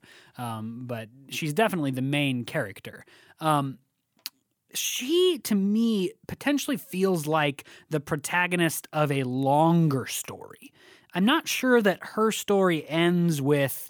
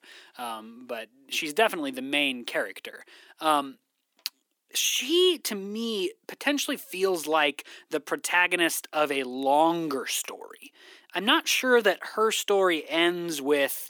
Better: first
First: none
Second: thin; somewhat; fading below 300 Hz

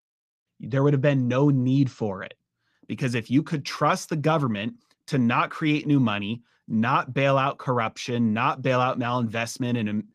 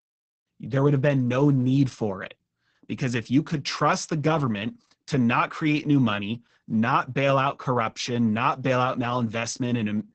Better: first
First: garbled, watery; slightly; nothing above 14.5 kHz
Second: garbled, watery; badly; nothing above 7.5 kHz

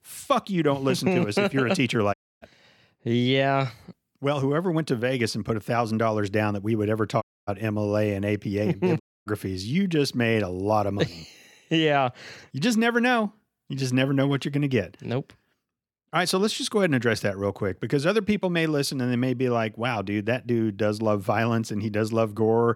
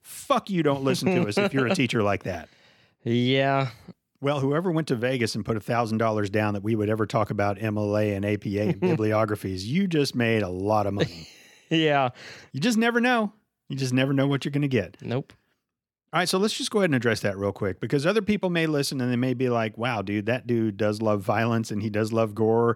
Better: second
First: audio cutting out; at 2 s, at 7 s and at 9 s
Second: none

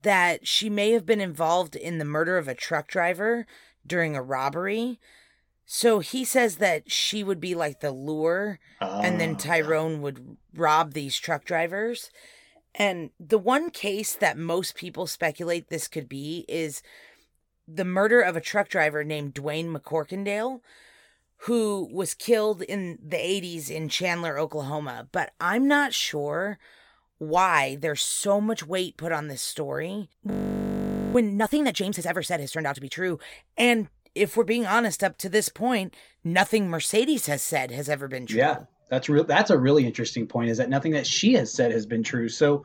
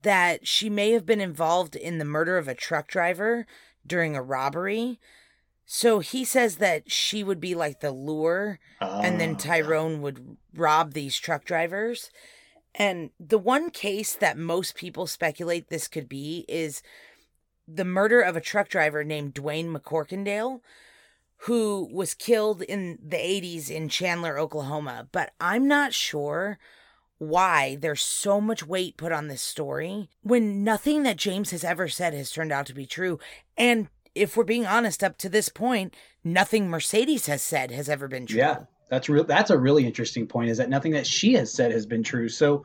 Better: second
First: audio freezing; at 30 s for 1 s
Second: none

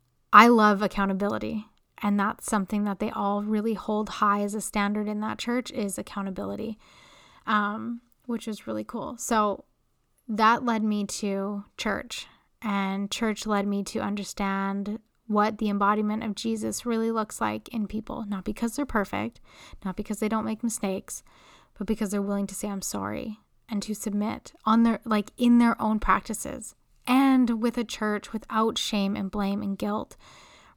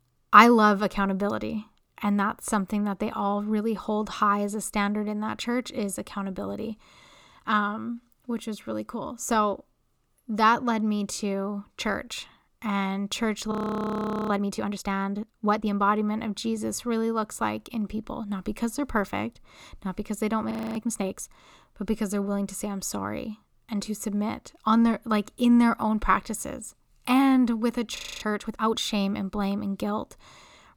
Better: first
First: none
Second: audio freezing; at 14 s for 1 s, at 21 s and at 28 s

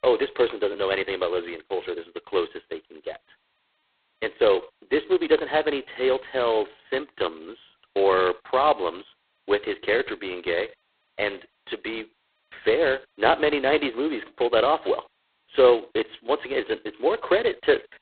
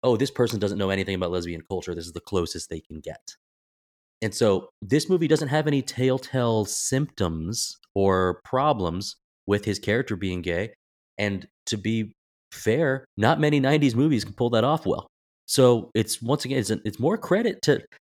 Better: second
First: phone-call audio; poor line; nothing above 4 kHz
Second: none

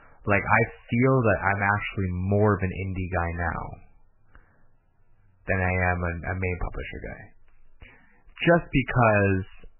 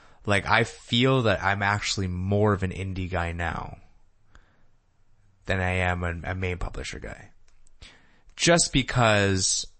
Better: second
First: garbled, watery; badly; nothing above 3 kHz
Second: garbled, watery; slightly; nothing above 8 kHz

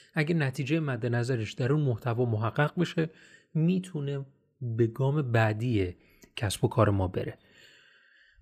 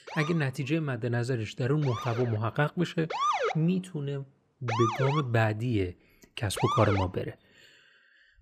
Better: first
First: none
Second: siren; loud; until 7 s; peak 2 dB above the speech

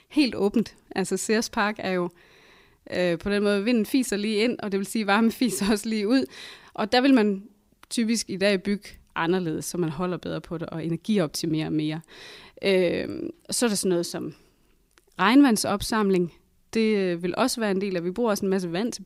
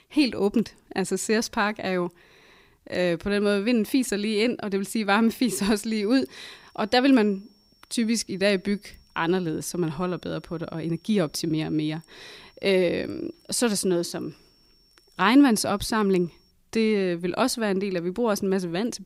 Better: first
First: none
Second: high-pitched whine; faint; from 5.5 to 17 s; 5.5 kHz, 35 dB below the speech

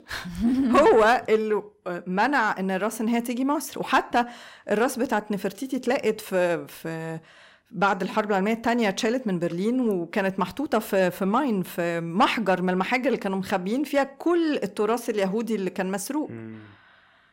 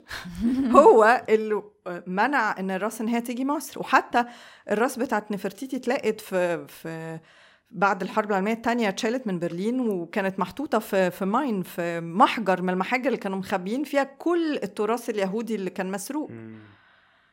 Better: second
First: distortion; slight; 10 dB below the speech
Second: none

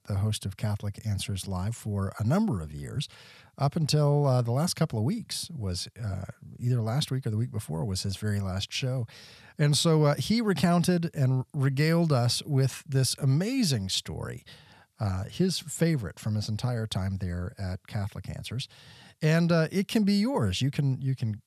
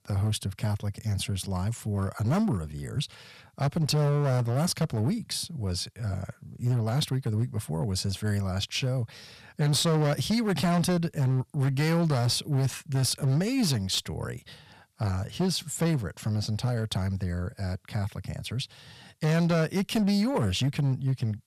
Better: first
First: none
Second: distortion; slight; 11% of the sound clipped

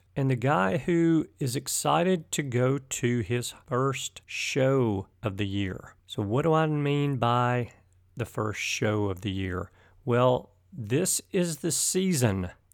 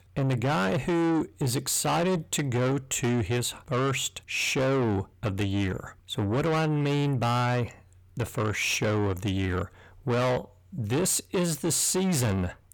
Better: first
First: none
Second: distortion; heavy; 8 dB below the speech

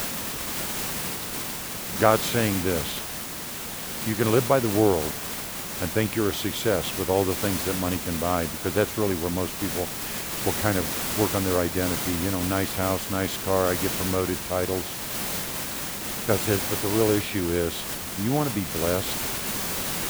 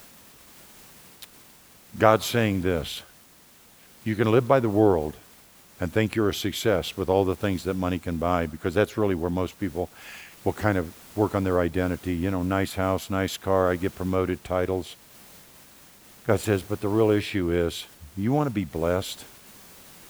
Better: second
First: hiss; loud; throughout; 2 dB below the speech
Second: hiss; faint; throughout; 25 dB below the speech

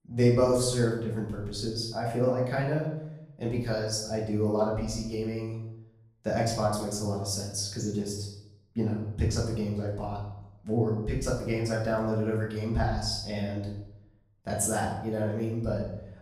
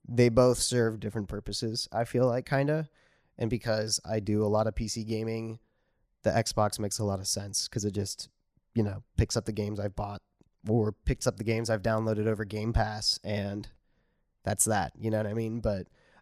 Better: second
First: off-mic speech; far // room echo; noticeable; dies away in 0.7 s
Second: none

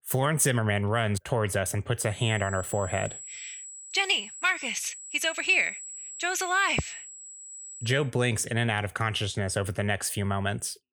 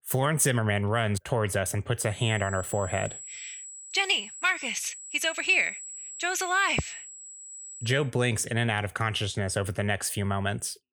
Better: neither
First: high-pitched whine; noticeable; from 2 to 8 s; 7.5 kHz, 10 dB below the speech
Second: high-pitched whine; noticeable; from 2 to 8 s; 7.5 kHz, 10 dB below the speech

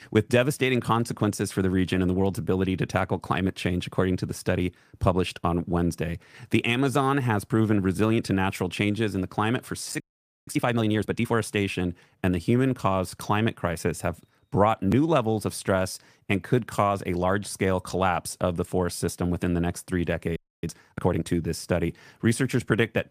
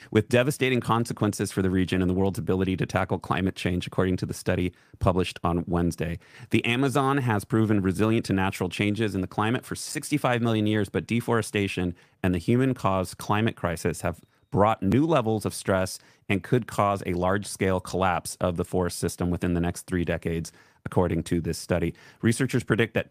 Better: second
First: audio freezing; at 10 s and at 20 s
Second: none

